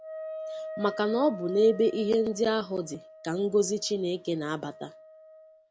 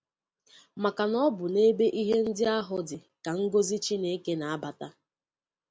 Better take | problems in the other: second | background sound (Wind instrument, woodwind instrument); 14 dB below the speech

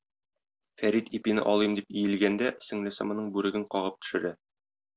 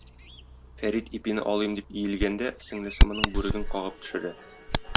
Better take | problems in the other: first | background sound (Bird vocalization, bird call, bird song); 2 dB above the speech

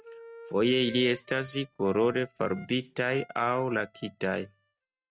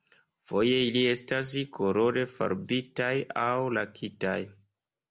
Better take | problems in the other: second | noise reduction (neural mask model RNNoise)

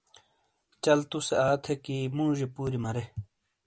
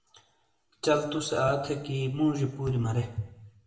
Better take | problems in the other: first | room echo; dies away in 0.8 s

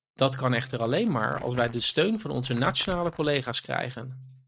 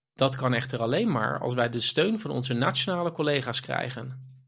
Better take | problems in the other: second | noise reduction (neural mask model RNNoise)

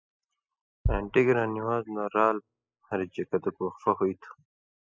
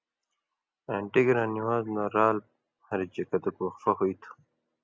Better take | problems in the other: second | noise reduction (classical method spectral subtraction)

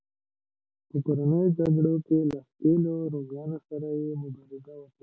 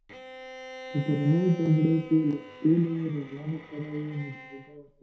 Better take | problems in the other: first | background sound (Bowed string instrument); 16 dB below the speech // room echo; dies away in 0.5 s

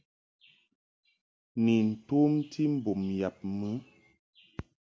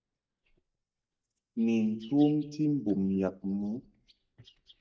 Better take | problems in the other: first | noise reduction (neural mask model DeepFilterNet 3)

